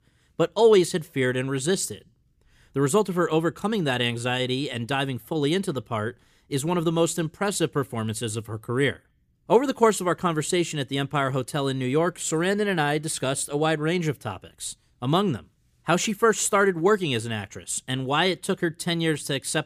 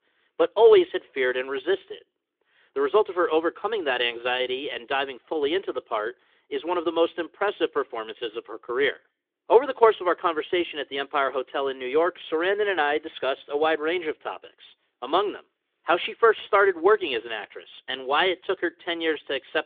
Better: first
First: none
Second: phone-call audio

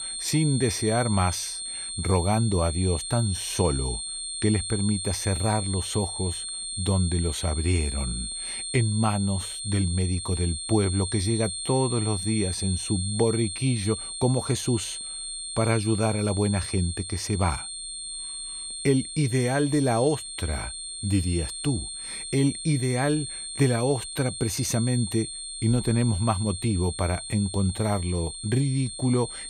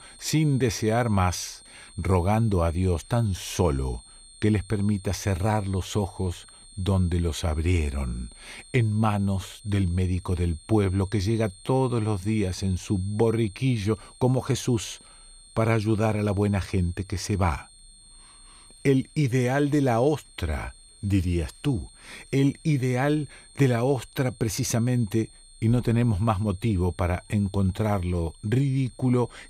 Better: second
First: high-pitched whine; loud; throughout; 8.5 kHz, 5 dB below the speech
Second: high-pitched whine; faint; throughout; 8.5 kHz, 25 dB below the speech

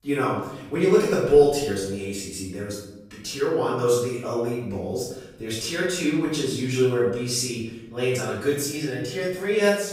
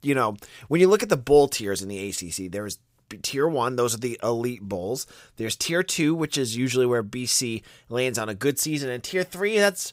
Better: second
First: off-mic speech; far // room echo; noticeable; dies away in 0.8 s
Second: none

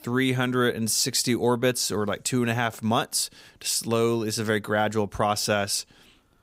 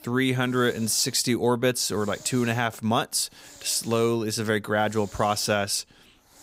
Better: first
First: none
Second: hiss; faint; throughout; 20 dB below the speech

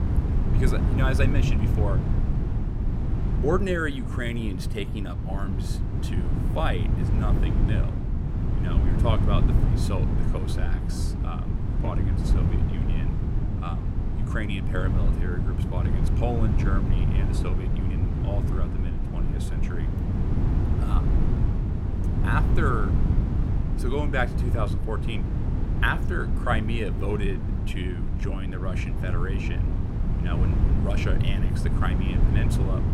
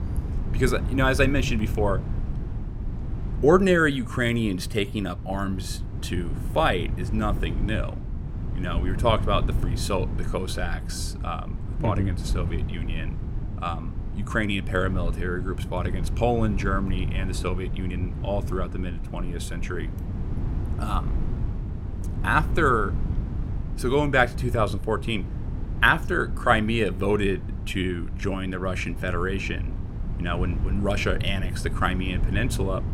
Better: second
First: wind noise on the microphone; heavy; 4 dB below the speech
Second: wind noise on the microphone; occasional gusts; 15 dB below the speech

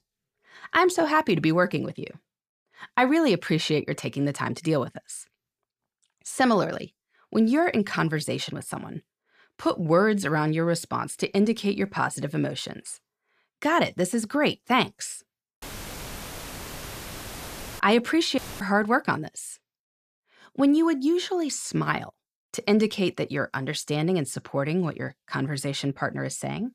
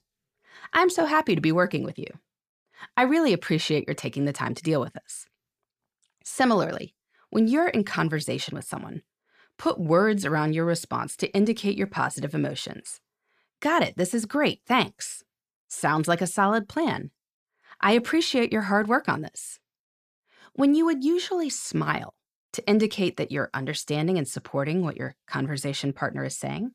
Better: second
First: audio cutting out; filled with static; at 16 s for 2 s and at 18 s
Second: none

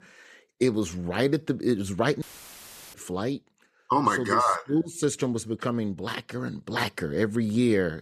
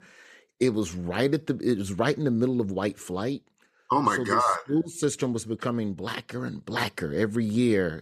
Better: second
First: audio cutting out; filled with static; at 2 s for 0.5 s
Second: none

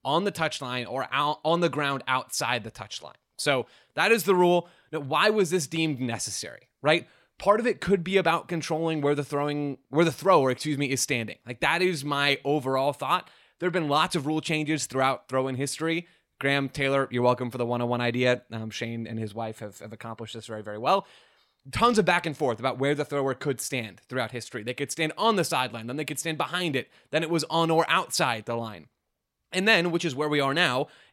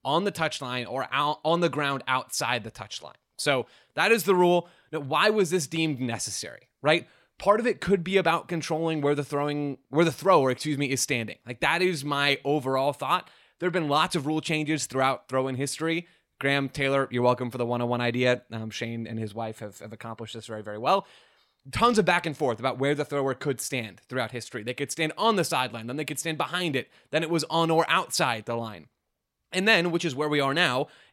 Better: neither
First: none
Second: none

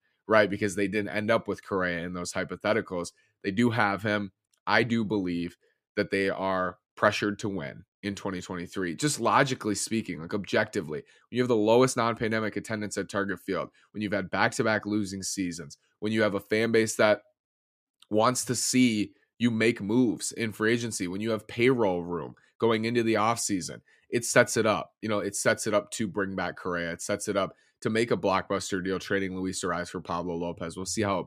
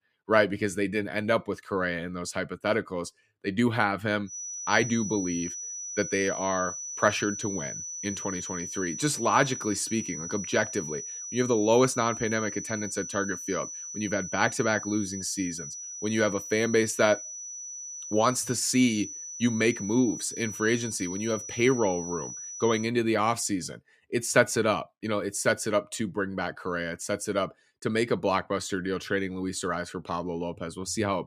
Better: first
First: none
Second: high-pitched whine; loud; from 4.5 to 23 s; 6 kHz, 7 dB below the speech

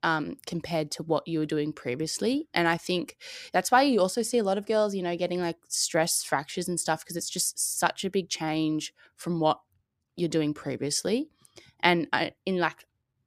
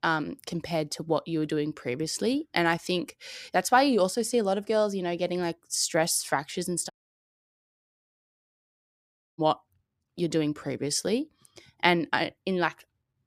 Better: first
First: none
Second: audio cutting out; at 7 s for 2.5 s

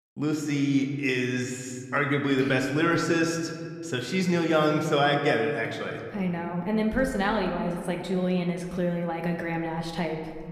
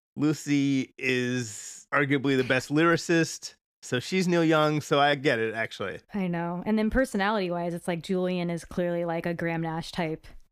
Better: second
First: room echo; slight; dies away in 1.7 s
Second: none

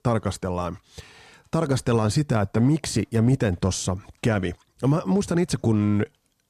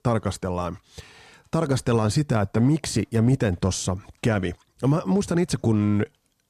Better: neither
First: none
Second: none

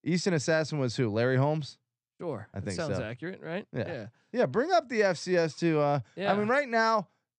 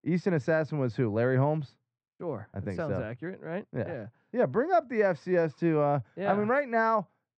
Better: first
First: none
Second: muffled; very; fading above 3 kHz

